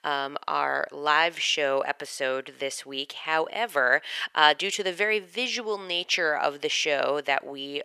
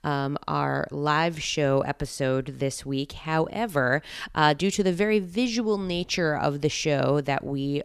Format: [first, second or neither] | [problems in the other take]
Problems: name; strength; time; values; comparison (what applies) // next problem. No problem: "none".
second | thin; very; fading below 600 Hz